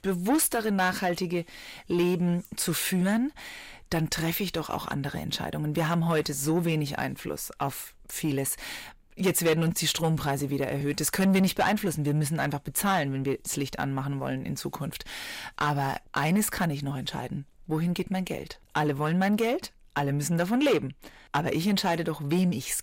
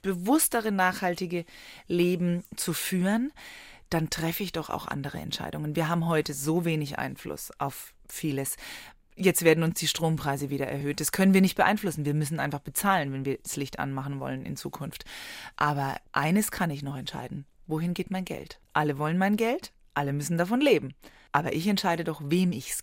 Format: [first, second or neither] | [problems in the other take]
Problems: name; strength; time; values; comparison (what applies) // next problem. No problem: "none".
second | distortion; slight; 10 dB below the speech